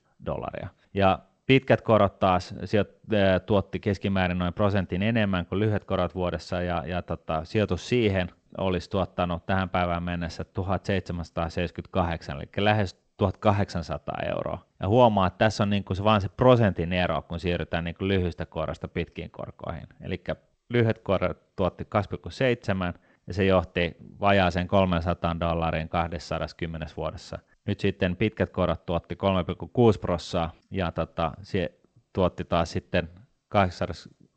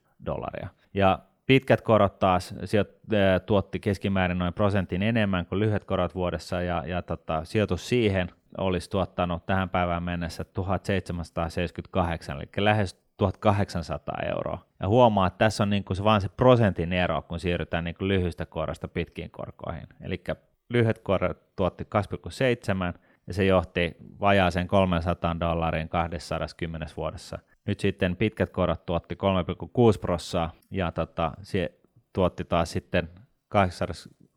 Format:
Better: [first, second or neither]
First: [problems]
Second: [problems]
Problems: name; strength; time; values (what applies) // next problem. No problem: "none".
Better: second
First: garbled, watery; slightly; nothing above 7.5 kHz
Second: none